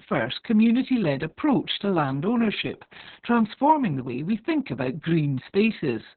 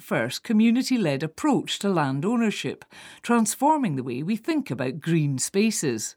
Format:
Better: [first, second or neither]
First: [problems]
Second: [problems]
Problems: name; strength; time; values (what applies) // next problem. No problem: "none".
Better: second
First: garbled, watery; badly; nothing above 4 kHz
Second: none